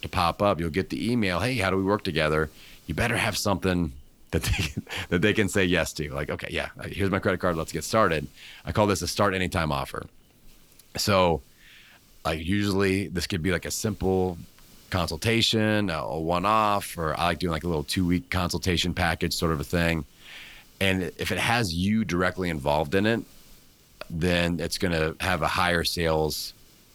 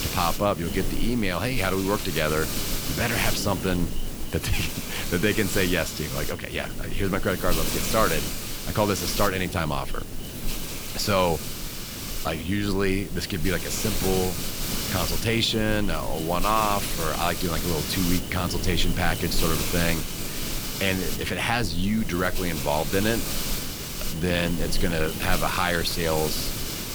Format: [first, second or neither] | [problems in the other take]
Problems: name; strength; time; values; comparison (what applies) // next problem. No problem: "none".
first | hiss; loud; throughout; 4 dB below the speech; faint in the first